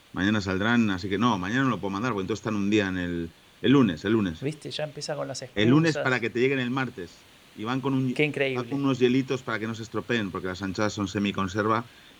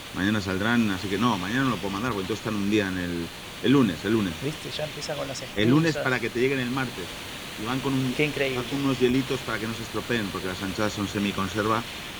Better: first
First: hiss; faint; throughout; 25 dB below the speech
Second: hiss; loud; throughout; 9 dB below the speech

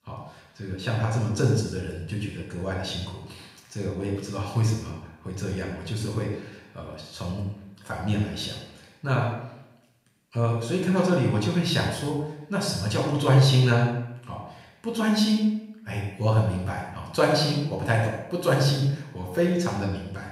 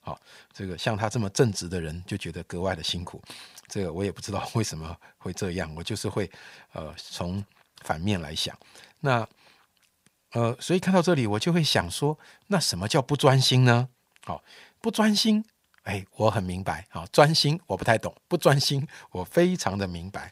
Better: second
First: off-mic speech; far // room echo; noticeable; dies away in 0.7 s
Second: none

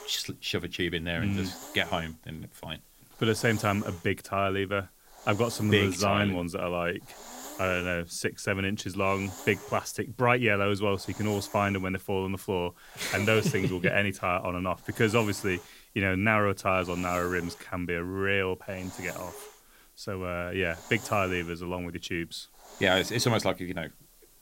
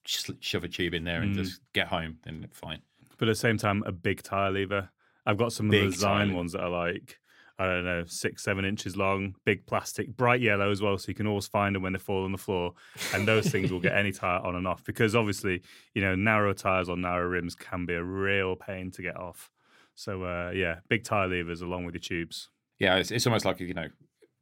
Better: second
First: hiss; noticeable; throughout; 20 dB below the speech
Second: none

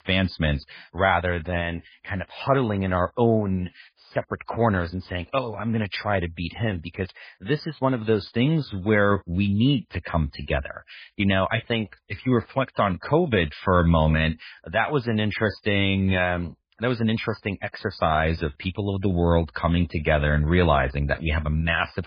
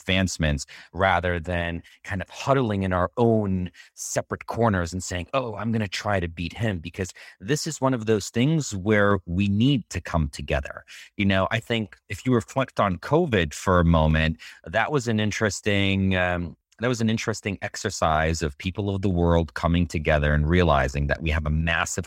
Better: second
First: garbled, watery; badly; nothing above 5 kHz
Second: none

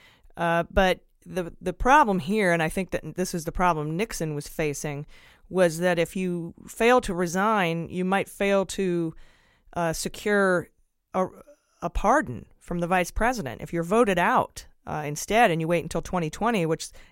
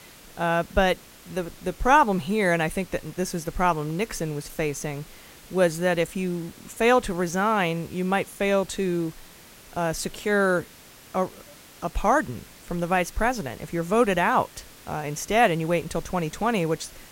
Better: first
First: none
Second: hiss; faint; throughout; 20 dB below the speech

